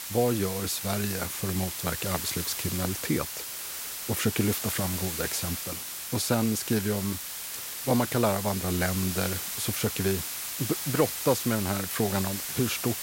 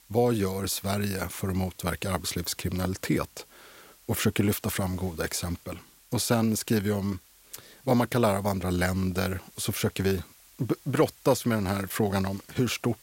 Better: second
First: hiss; loud; throughout; 3 dB below the speech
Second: hiss; faint; throughout; 25 dB below the speech

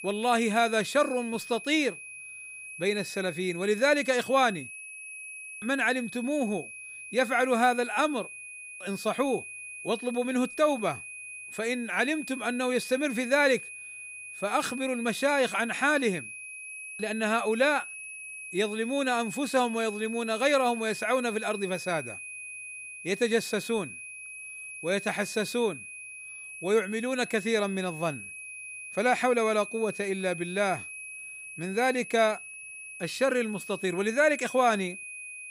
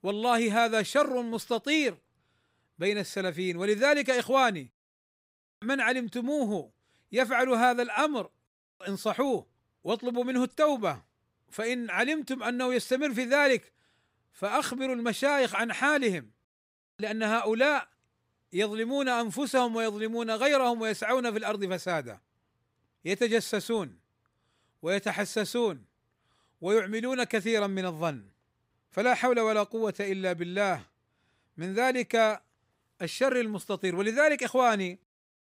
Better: second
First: high-pitched whine; noticeable; throughout; 2.5 kHz, 10 dB below the speech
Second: none

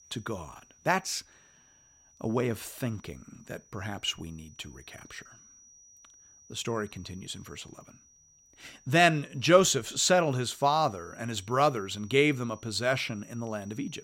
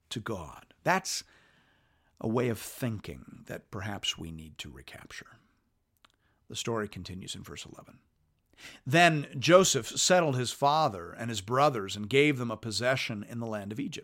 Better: second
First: high-pitched whine; faint; throughout; 6 kHz, 25 dB below the speech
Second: none

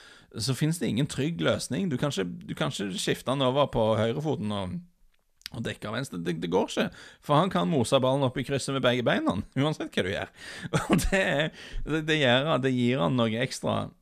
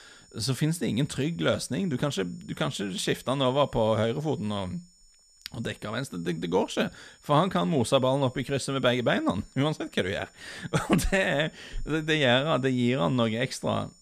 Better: first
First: none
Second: high-pitched whine; faint; throughout; 7 kHz, 30 dB below the speech

